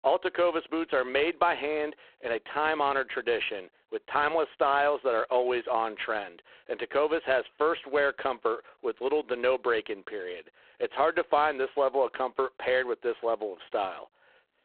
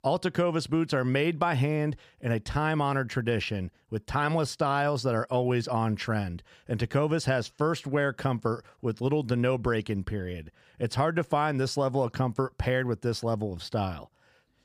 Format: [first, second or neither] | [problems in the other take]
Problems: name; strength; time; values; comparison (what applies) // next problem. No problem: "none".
second | phone-call audio; poor line